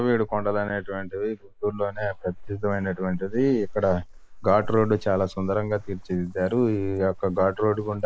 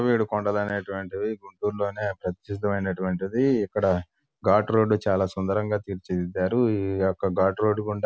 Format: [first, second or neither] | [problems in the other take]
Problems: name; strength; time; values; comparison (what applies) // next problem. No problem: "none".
second | noise reduction (neural mask model Resemble Enhance denoiser)